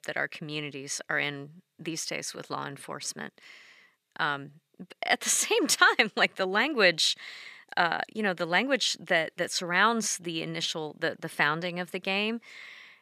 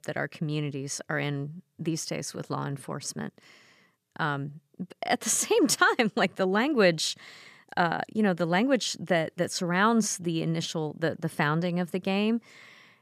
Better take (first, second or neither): second